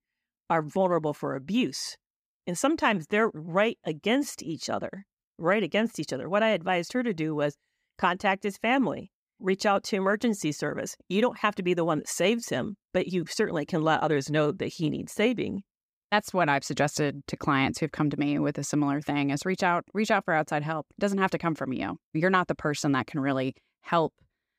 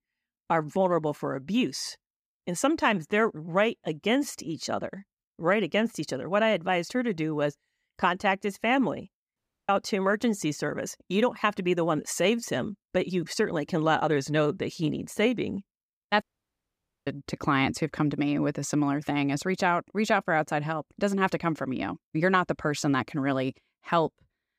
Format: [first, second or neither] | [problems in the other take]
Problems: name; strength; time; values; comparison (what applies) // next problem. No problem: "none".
first | audio cutting out; at 9.5 s and at 16 s for 1 s